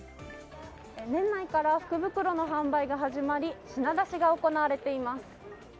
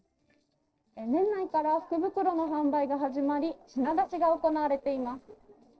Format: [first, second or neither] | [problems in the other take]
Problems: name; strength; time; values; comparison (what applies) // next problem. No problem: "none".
first | noise reduction (neural separator model SepFormer DNS4)